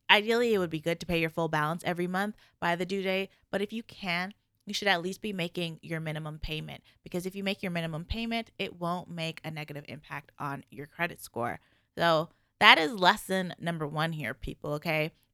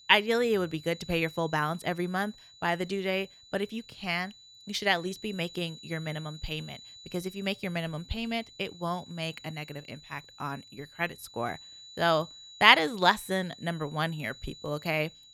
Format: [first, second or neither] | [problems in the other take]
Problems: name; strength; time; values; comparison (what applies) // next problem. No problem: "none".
first | high-pitched whine; noticeable; throughout; 4 kHz, 20 dB below the speech